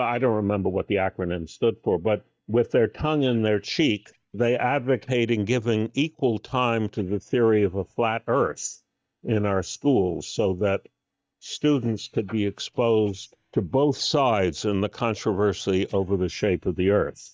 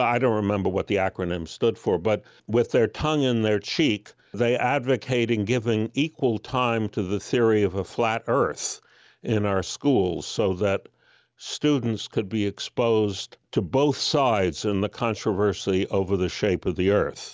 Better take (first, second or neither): second